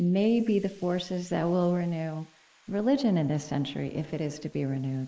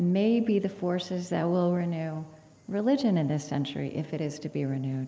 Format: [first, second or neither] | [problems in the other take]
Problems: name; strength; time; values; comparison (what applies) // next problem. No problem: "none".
second | noise reduction (neural mask model Resemble Enhance denoiser)